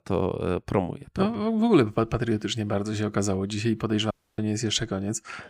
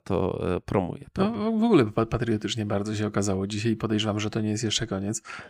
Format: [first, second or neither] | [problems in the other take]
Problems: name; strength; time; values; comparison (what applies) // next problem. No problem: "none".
second | audio cutting out; at 4 s